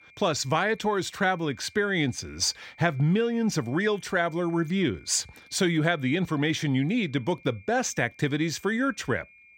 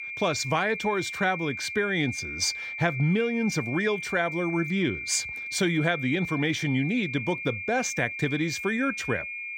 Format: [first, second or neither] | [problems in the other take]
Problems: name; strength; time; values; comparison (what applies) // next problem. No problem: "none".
first | high-pitched whine; loud; throughout; 2.5 kHz, 6 dB below the speech; faint in the first